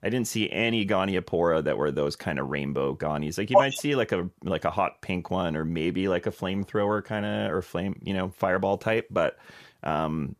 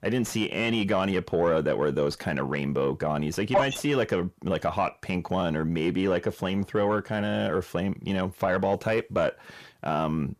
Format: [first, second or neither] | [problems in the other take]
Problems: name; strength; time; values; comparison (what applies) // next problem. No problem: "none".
first | distortion; slight; 10 dB below the speech